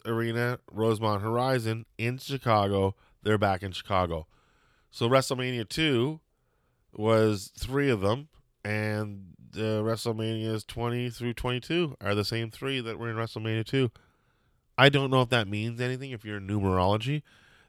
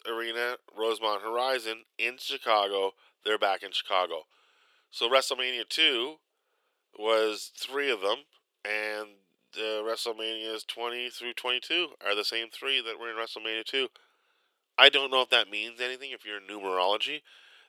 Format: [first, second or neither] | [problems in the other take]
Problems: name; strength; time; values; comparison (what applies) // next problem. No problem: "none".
first | thin; very; fading below 400 Hz